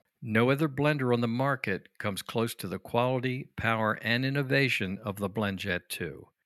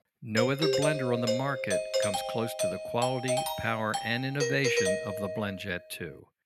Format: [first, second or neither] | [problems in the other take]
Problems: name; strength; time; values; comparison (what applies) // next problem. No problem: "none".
first | doorbell; loud; until 5.5 s; peak 5 dB above the speech